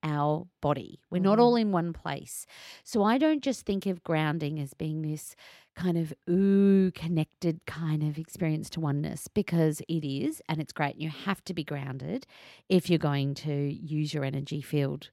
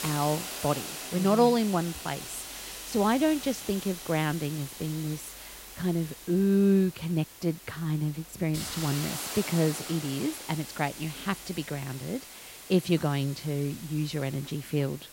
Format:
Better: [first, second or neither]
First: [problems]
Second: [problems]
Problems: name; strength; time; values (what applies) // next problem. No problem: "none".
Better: first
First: none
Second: hiss; loud; throughout; 10 dB below the speech